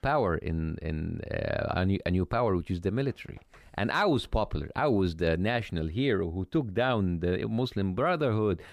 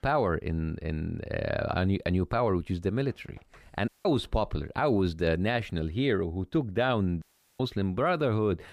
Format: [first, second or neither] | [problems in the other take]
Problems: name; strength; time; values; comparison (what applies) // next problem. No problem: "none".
first | audio cutting out; at 4 s and at 7 s